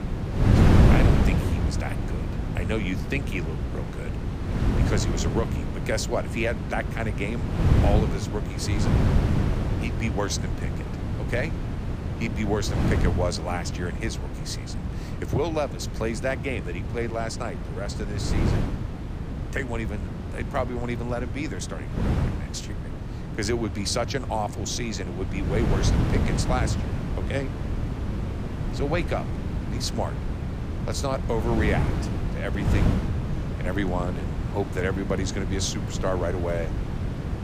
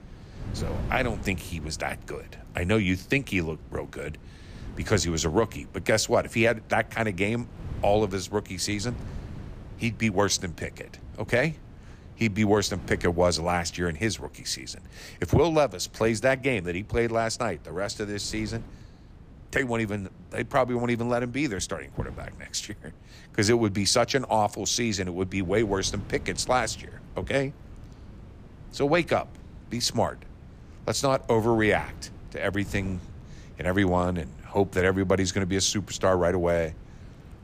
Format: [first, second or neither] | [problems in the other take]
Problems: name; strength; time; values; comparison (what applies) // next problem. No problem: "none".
second | wind noise on the microphone; heavy; 4 dB below the speech; occasional gusts in the second